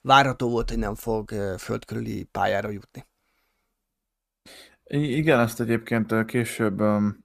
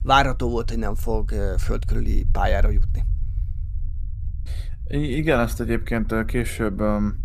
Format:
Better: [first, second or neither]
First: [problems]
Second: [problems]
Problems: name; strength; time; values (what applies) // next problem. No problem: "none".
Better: first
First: none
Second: low rumble; faint; throughout; 25 dB below the speech